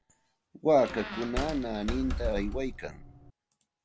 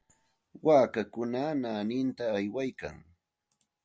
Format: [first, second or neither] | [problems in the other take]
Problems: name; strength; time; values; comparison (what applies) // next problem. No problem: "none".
second | background sound (Squeak); 5 dB below the speech